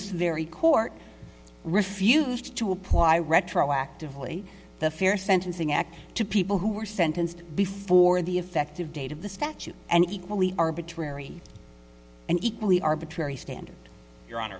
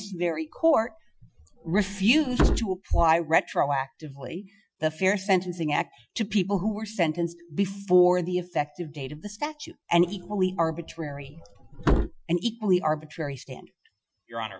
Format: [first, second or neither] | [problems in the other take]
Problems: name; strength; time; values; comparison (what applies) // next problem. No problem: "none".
first | noise reduction (classical method Wiener filter)